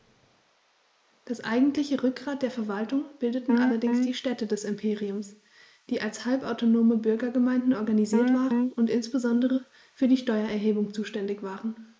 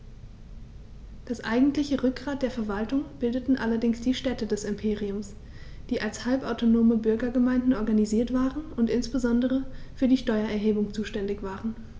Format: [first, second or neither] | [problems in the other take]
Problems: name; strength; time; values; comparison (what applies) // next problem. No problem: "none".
second | noise reduction (neural mask model Resemble Enhance denoiser)